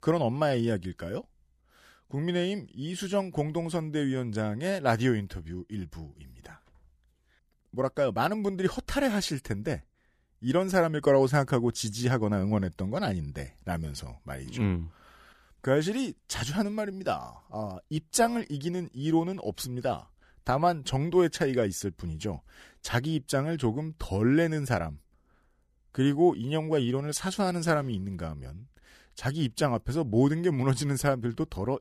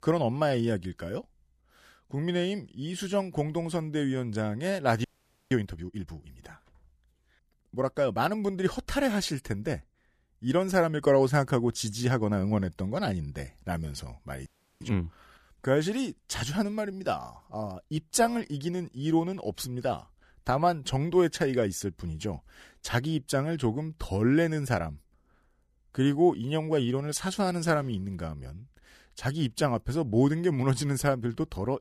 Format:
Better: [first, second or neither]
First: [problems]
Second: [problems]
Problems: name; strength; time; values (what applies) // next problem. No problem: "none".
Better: first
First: none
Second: audio freezing; at 5 s and at 14 s